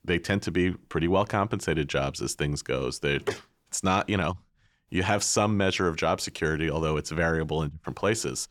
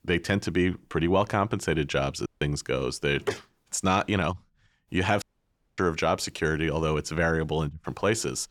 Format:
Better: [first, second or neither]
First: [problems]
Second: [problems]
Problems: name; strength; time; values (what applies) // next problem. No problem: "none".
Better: first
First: none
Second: audio cutting out; at 2.5 s and at 5 s for 0.5 s